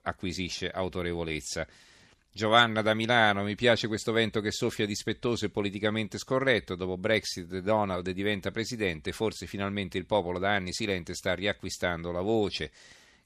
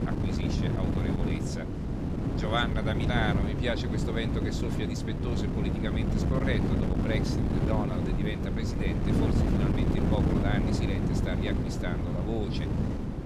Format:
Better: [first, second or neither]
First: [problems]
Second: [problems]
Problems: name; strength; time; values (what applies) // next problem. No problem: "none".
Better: first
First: none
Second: wind noise on the microphone; heavy; as loud as the speech